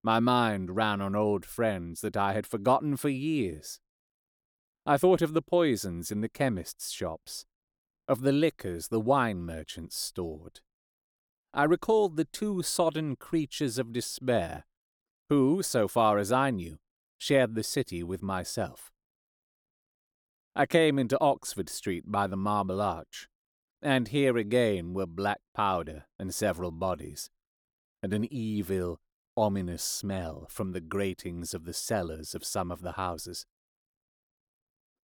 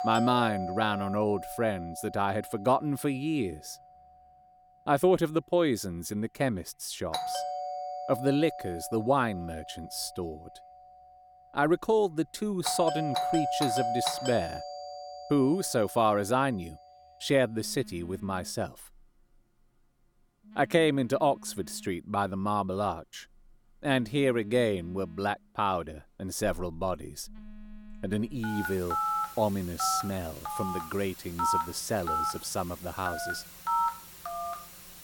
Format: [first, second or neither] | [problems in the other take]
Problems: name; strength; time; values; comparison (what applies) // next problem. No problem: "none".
first | alarms or sirens; loud; throughout; 5 dB below the speech